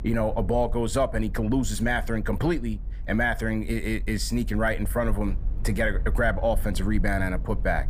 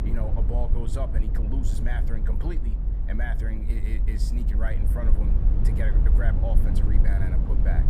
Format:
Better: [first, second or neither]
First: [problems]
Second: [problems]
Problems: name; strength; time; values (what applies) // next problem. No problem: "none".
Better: first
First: low rumble; faint; throughout; 25 dB below the speech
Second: low rumble; loud; throughout; 4 dB below the speech